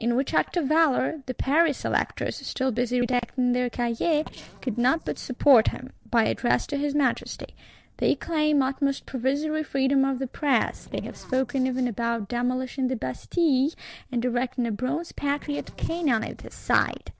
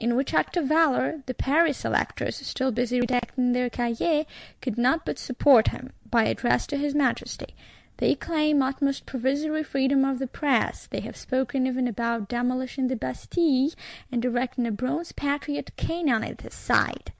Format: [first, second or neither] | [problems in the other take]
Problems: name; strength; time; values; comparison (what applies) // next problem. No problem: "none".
second | noise reduction (neural separator model SepFormer DNS4)